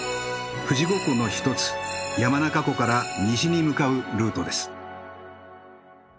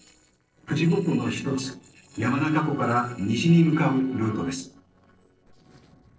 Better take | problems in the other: first | noise reduction (neural separator model SepFormer DNS4)

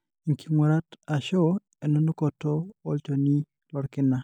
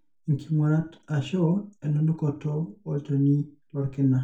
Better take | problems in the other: first | room echo; dies away in 0.3 s

